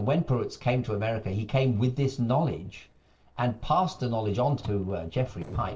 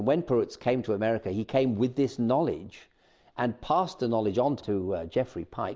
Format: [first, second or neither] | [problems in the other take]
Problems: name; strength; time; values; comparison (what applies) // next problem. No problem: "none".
second | noise reduction (neural separator model SepFormer DNS4)